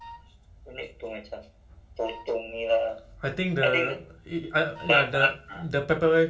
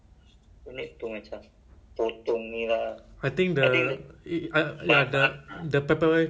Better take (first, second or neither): second